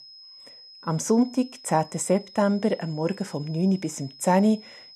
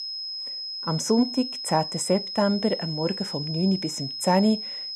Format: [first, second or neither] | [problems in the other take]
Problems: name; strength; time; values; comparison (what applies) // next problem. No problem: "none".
first | high-pitched whine; loud; throughout; 5 kHz, 6 dB below the speech; faint in the first